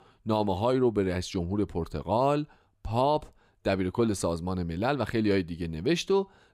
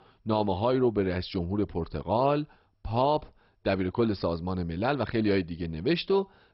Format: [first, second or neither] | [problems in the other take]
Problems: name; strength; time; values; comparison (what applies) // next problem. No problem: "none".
first | garbled, watery; badly; nothing above 5 kHz